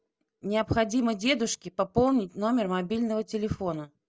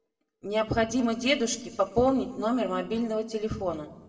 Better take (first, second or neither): first